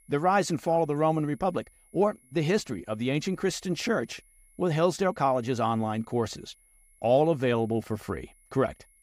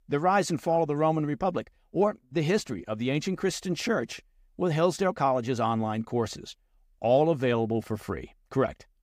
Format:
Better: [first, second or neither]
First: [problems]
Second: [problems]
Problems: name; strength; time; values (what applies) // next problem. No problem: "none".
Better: second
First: high-pitched whine; faint; throughout; 10.5 kHz, 30 dB below the speech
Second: none